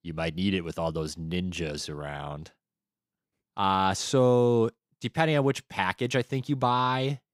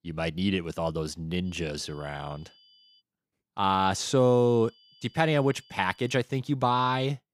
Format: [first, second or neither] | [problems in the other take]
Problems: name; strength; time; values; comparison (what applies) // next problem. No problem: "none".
first | high-pitched whine; faint; from 1.5 to 3 s and from 4 to 6 s; 3 kHz, 30 dB below the speech